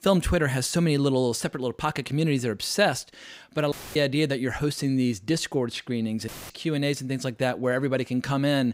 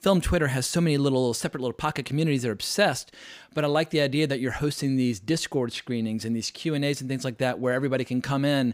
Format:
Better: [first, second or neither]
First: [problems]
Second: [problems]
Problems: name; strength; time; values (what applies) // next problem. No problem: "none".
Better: second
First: audio cutting out; filled with static; at 3.5 s and at 6.5 s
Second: none